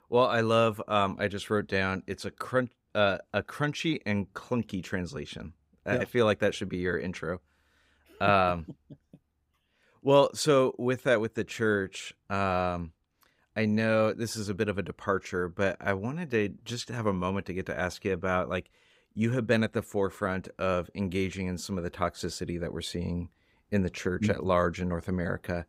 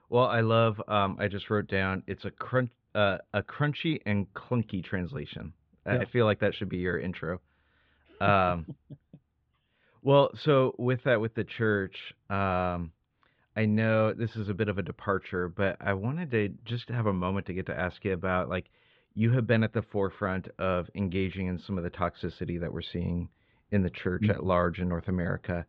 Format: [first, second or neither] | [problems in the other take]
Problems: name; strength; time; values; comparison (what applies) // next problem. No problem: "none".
first | muffled; slightly; fading above 3.5 kHz